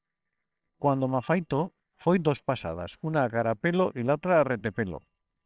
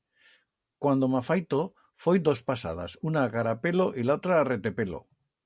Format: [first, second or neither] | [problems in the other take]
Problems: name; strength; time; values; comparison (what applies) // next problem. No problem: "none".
second | noise reduction (neural separator model SepFormer WHAMR!)